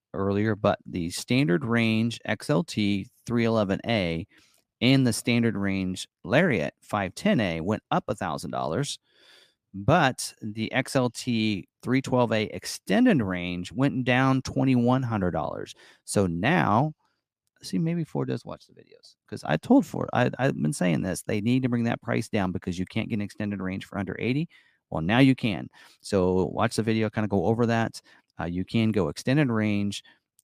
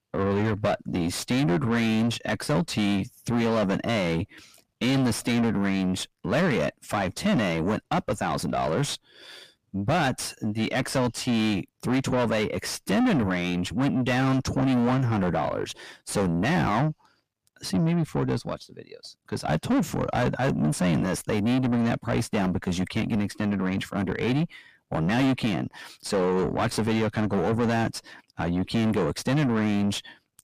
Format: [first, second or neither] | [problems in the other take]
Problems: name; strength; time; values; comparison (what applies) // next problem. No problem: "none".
first | distortion; heavy; 6 dB below the speech